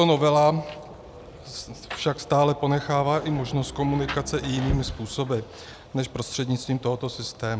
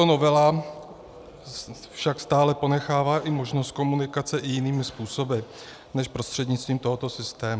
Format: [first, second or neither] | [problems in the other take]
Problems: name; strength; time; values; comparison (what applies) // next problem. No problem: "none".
second | background sound (Rain); 14 dB below the speech